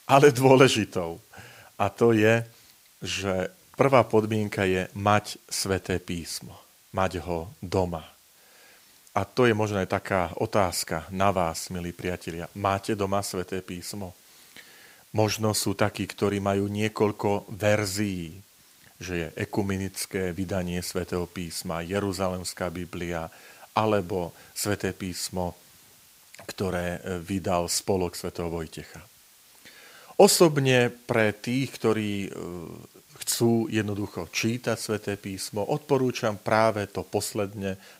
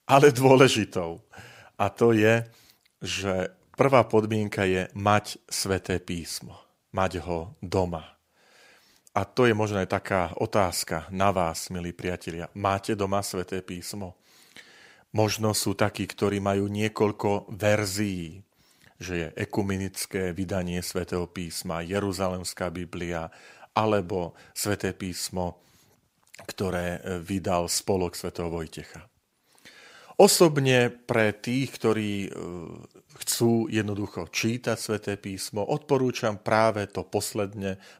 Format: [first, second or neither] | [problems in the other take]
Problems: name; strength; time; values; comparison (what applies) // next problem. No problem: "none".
second | hiss; faint; throughout; 25 dB below the speech